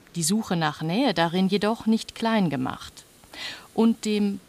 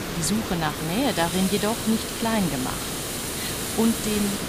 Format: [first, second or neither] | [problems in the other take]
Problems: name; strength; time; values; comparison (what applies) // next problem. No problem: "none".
first | hiss; loud; throughout; 3 dB below the speech; faint in the first